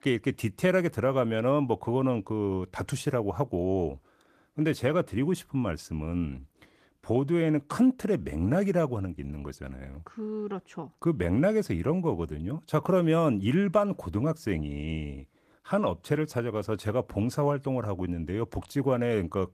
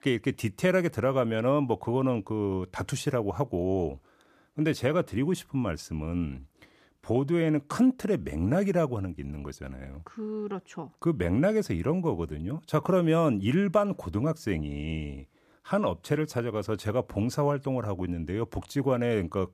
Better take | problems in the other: second | garbled, watery; slightly; nothing above 14.5 kHz

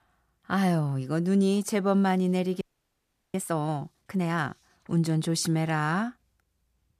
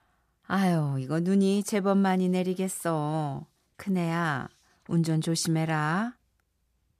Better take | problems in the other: second | audio freezing; at 2.5 s for 0.5 s

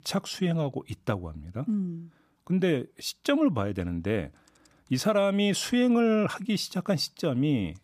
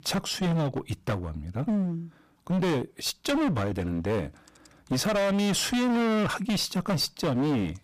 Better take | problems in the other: first | distortion; heavy; 25% of the sound clipped

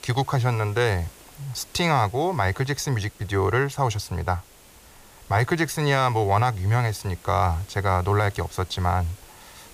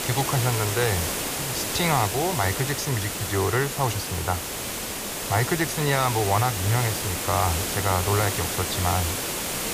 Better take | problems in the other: first | hiss; loud; throughout; 2 dB below the speech; faint in the first

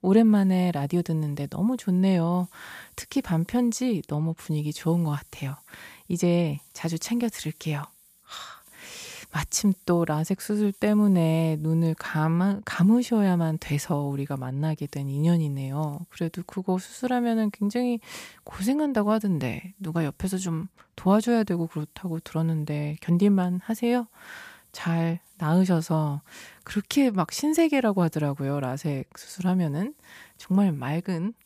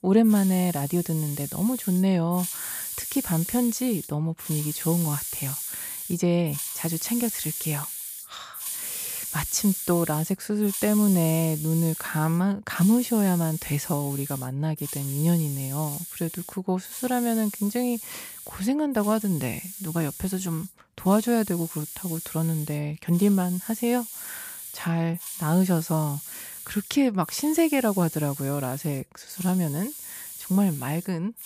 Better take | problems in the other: first | hiss; loud; throughout; 7 dB below the speech; faint in the first

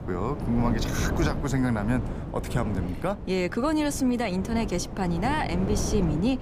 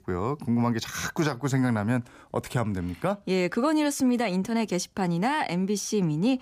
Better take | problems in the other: second | wind noise on the microphone; heavy; 8 dB below the speech

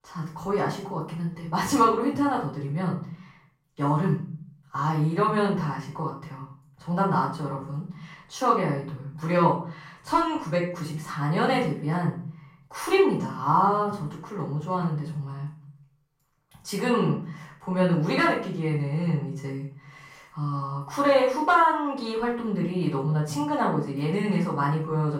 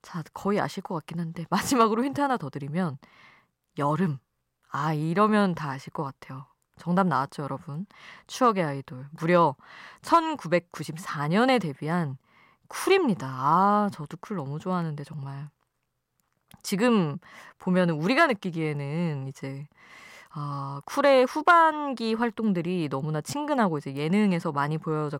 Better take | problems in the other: second | off-mic speech; far // room echo; noticeable; dies away in 0.4 s

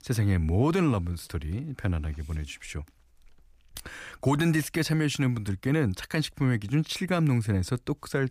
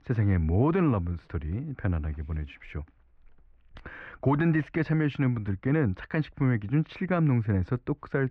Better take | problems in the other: first | muffled; very; fading above 2 kHz

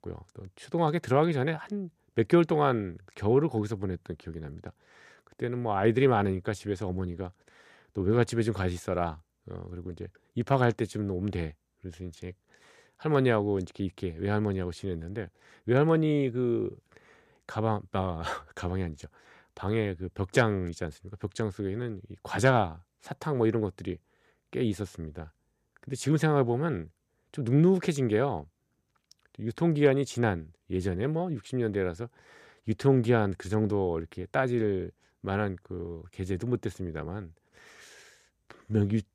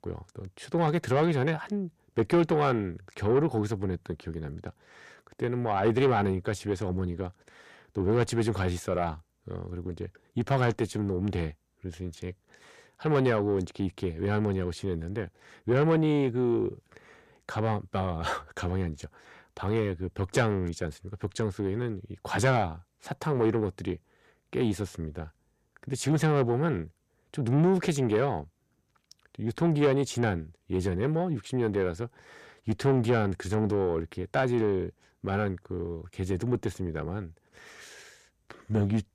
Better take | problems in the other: first | distortion; slight; 10 dB below the speech

